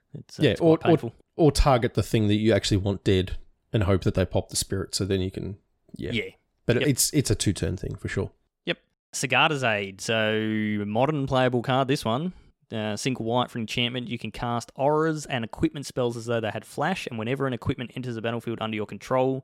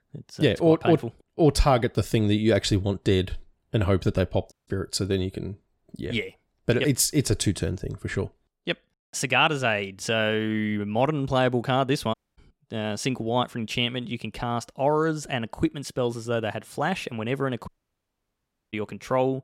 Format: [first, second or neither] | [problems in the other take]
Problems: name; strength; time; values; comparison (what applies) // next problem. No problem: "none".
first | audio cutting out; at 4.5 s, at 12 s and at 18 s for 1 s